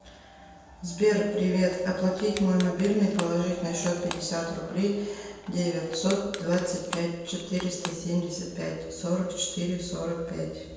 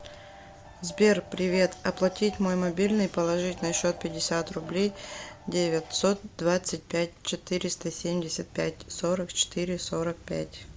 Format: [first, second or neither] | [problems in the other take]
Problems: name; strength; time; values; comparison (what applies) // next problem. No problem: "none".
second | background sound (Crushing); 15 dB below the speech // room echo; dies away in 1.1 s